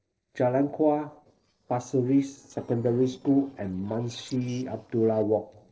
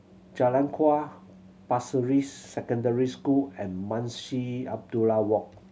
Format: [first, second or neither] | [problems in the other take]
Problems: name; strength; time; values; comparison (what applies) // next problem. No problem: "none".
second | noise reduction (neural separator model SepFormer DNS4)